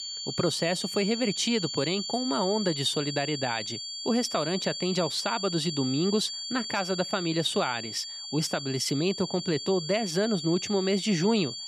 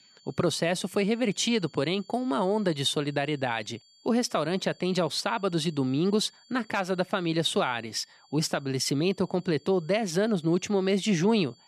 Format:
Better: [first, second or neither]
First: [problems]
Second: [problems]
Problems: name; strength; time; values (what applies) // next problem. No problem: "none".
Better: second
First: high-pitched whine; loud; throughout; 4.5 kHz, 5 dB below the speech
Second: high-pitched whine; faint; throughout; 4.5 kHz, 30 dB below the speech